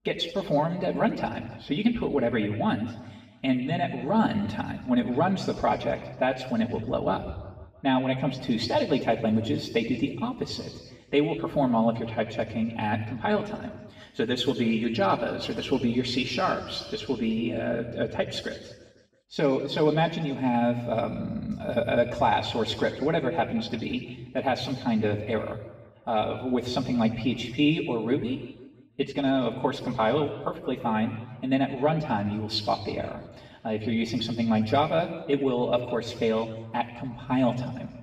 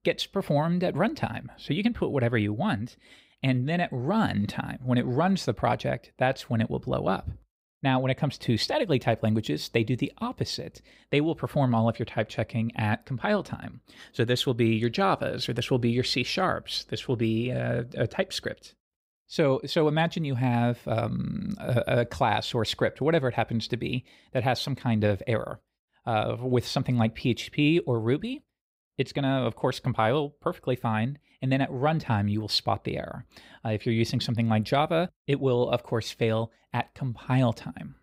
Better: second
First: room echo; noticeable; dies away in 1.3 s // off-mic speech; far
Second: none

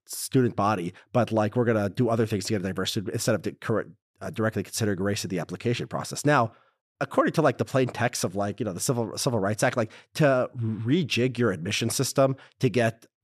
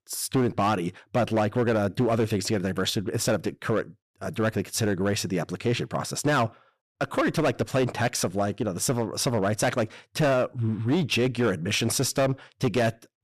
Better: first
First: none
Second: distortion; slight; 9% of the sound clipped

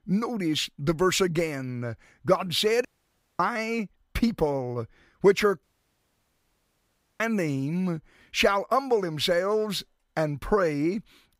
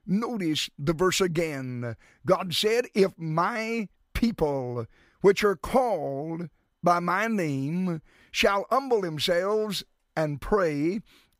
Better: second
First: audio cutting out; at 3 s for 0.5 s and at 5.5 s for 1.5 s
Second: none

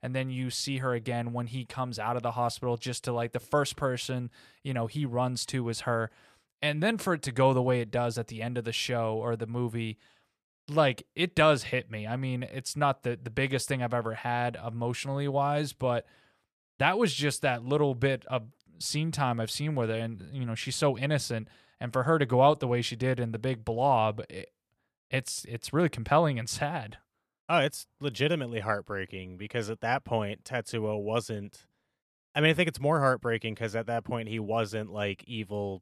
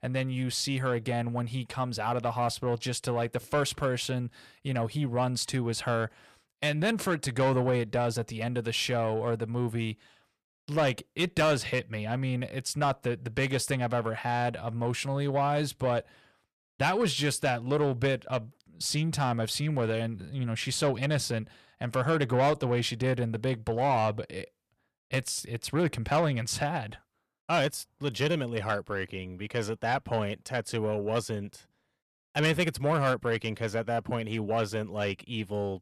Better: first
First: none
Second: distortion; slight; 10 dB below the speech

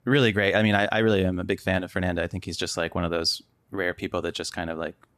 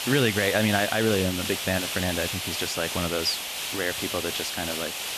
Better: first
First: none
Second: hiss; loud; throughout; 2 dB below the speech

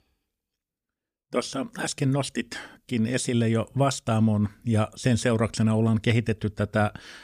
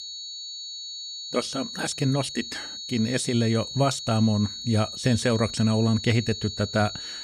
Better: first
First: none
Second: high-pitched whine; loud; throughout; 4.5 kHz, 8 dB below the speech

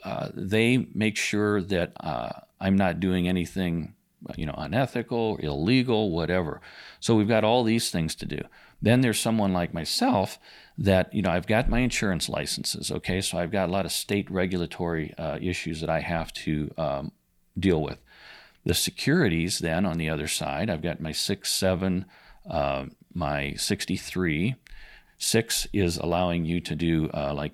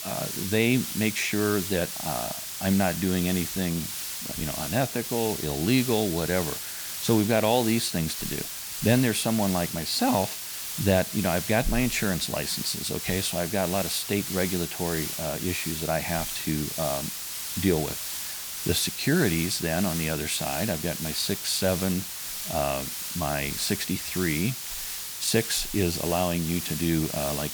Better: first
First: none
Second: hiss; loud; throughout; 4 dB below the speech

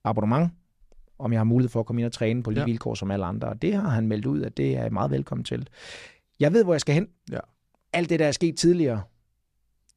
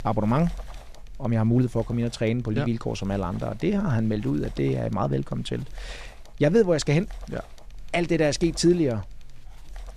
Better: first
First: none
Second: wind noise on the microphone; occasional gusts; 25 dB below the speech

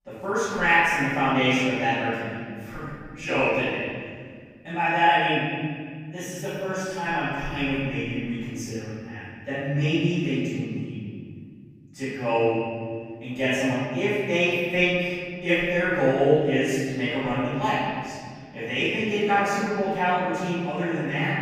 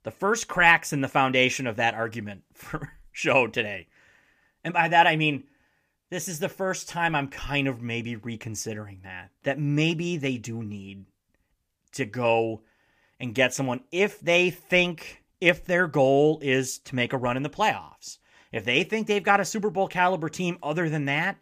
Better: second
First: off-mic speech; far // room echo; strong; dies away in 2.2 s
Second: none

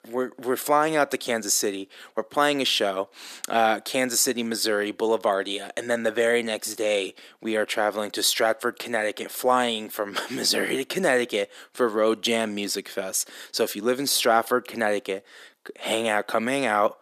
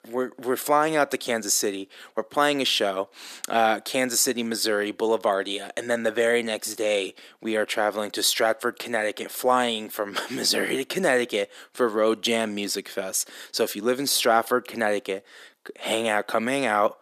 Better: neither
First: thin; somewhat; fading below 300 Hz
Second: thin; somewhat; fading below 300 Hz

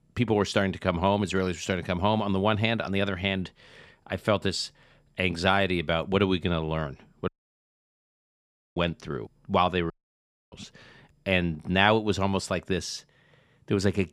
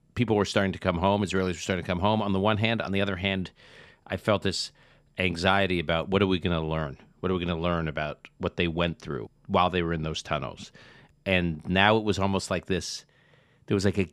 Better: second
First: audio cutting out; at 7.5 s for 1.5 s and at 10 s for 0.5 s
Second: none

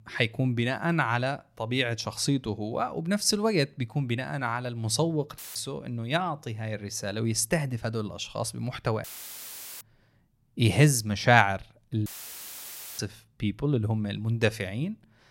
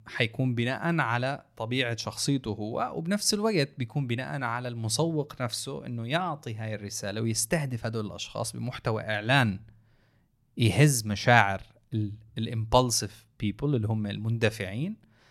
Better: second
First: audio cutting out; filled with static; at 5.5 s, at 9 s for 1 s and at 12 s for 1 s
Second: none

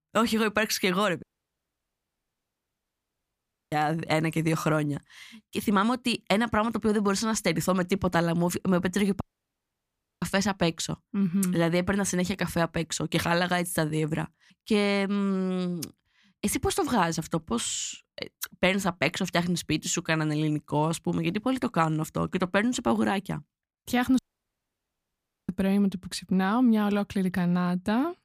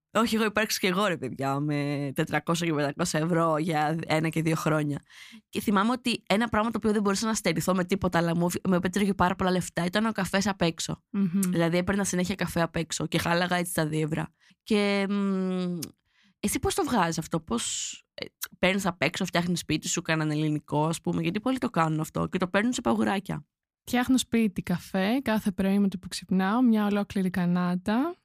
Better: second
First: audio cutting out; at 1 s for 2.5 s, at 9 s for 1 s and at 24 s for 1.5 s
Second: none

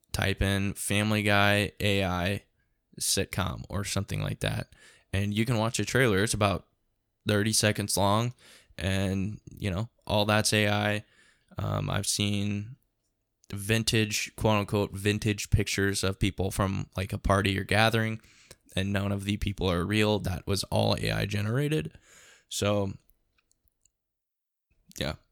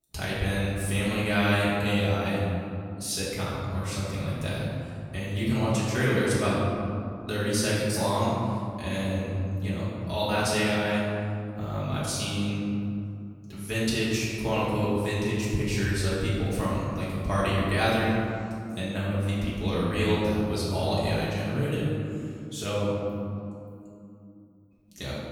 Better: first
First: none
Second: room echo; strong; dies away in 2.5 s // off-mic speech; far

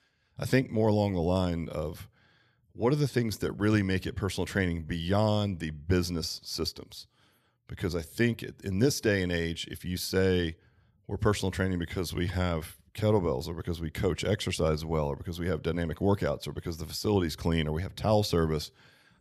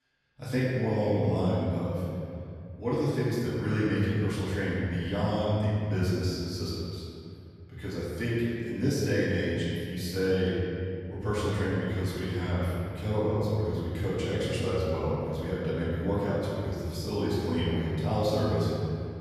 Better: first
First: none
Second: room echo; strong; dies away in 2.6 s // off-mic speech; far

